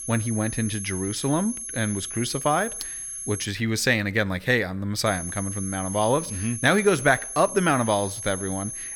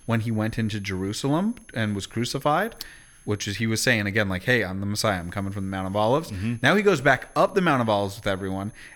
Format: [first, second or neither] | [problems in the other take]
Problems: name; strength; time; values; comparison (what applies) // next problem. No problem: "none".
second | high-pitched whine; loud; until 3.5 s and from 5 s on; 11 kHz, 7 dB below the speech; faint in the second